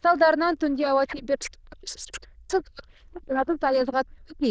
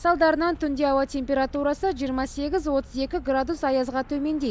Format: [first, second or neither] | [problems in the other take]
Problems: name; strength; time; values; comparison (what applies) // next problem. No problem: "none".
second | noise reduction (neural diffusion model UNIVERSE++)